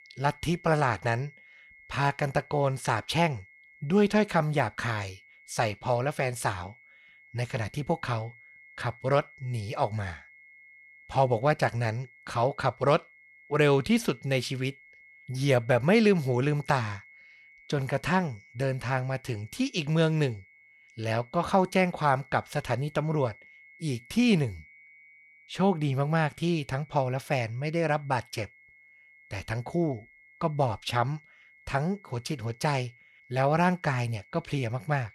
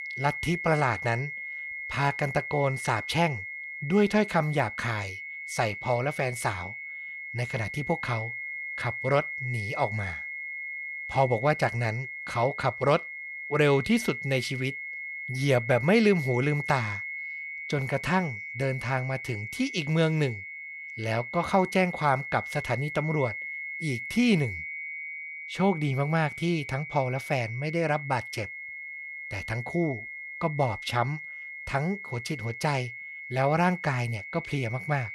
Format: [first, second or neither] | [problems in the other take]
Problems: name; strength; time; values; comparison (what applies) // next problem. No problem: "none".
first | high-pitched whine; loud; throughout; 2 kHz, 7 dB below the speech; faint in the first